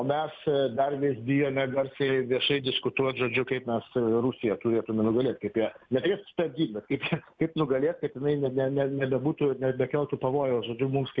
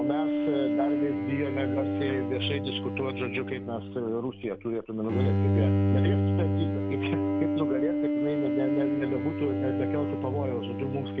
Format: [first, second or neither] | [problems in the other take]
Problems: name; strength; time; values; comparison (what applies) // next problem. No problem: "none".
first | background sound (Bowed string instrument); 4 dB above the speech